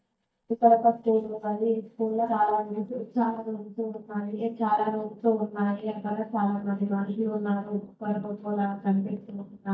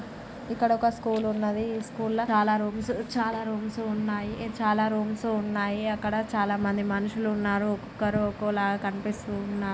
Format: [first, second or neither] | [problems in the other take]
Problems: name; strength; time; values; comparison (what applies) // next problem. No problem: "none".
second | noise reduction (neural mask model DeepFilterNet 3)